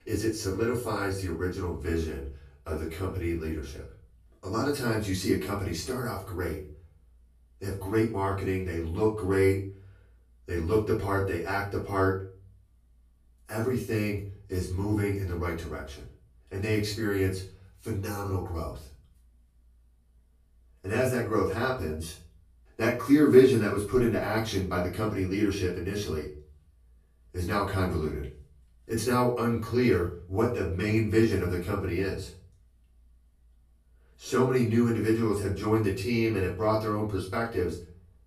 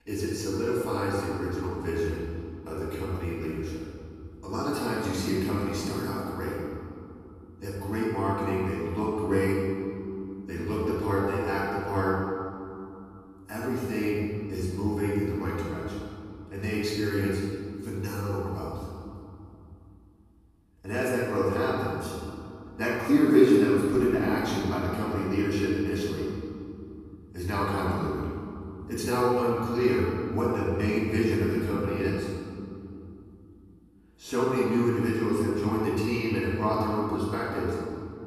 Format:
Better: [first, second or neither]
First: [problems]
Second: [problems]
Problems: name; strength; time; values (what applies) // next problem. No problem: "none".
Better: first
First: room echo; slight; dies away in 0.4 s // off-mic speech; far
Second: room echo; strong; dies away in 2.5 s // off-mic speech; far